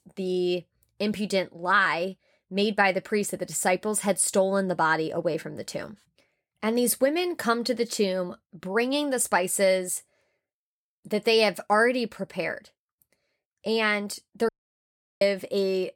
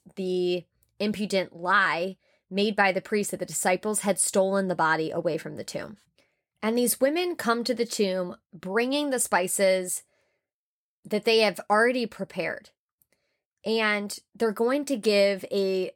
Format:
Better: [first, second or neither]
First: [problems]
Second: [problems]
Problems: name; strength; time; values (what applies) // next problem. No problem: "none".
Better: second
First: audio cutting out; at 14 s for 0.5 s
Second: none